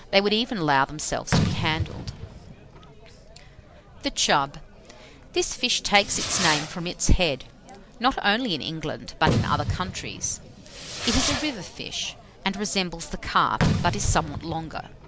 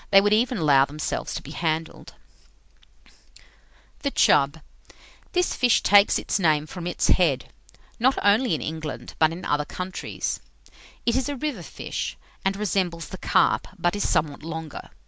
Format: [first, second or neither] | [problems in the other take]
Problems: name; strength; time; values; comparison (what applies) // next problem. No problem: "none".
second | background sound (Fireworks); 5 dB below the speech